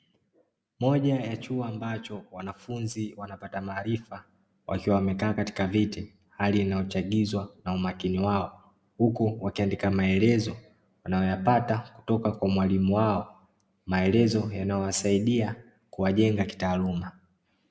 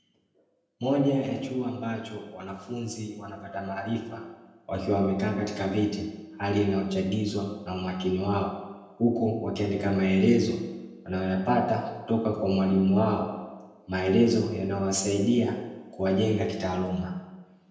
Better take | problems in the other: first | room echo; dies away in 0.9 s

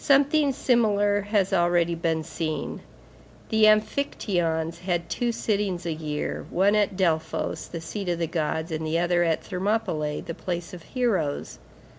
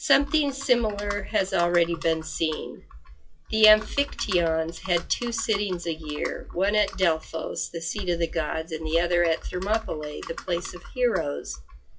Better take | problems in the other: first | noise reduction (classical method WPE with log-MMSE)

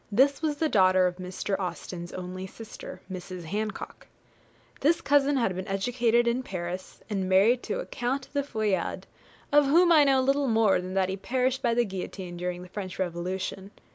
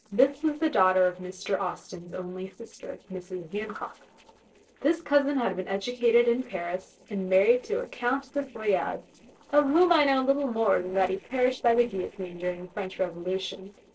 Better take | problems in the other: first | noise reduction (neural separator model SepFormer DNS4)

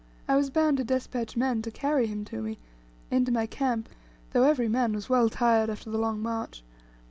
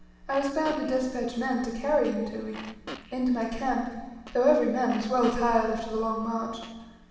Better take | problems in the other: first | background sound (Fart); 19 dB below the speech // room echo; dies away in 0.9 s

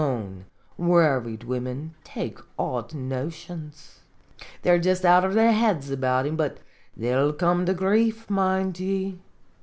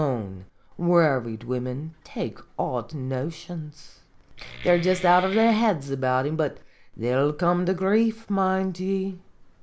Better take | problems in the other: first | background sound (Wood); 14 dB below the speech

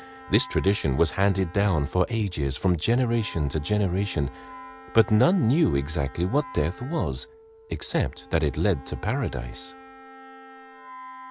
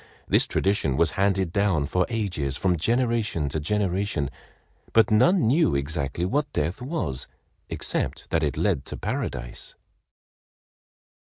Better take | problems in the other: second | background sound (Bowed string instrument + Wind instrument, woodwind instrument); 19 dB below the speech

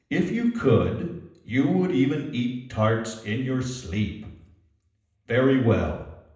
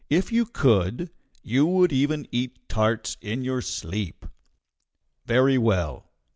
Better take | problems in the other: second | room echo; dies away in 0.8 s

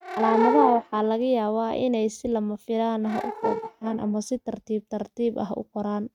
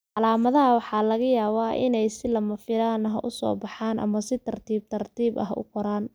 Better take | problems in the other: second | noise reduction (neural mask model RNNoise)

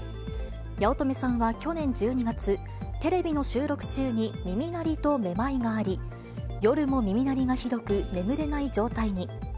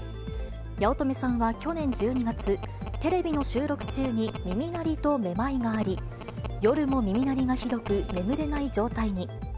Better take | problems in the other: first | background sound (Telephone); 15 dB below the speech

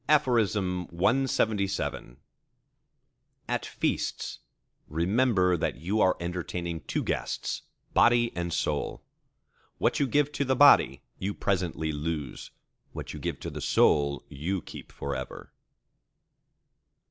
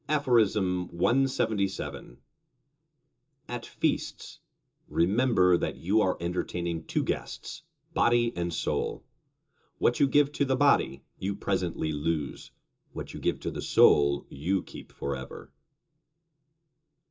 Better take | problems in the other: first | room echo; dies away in 0.2 s

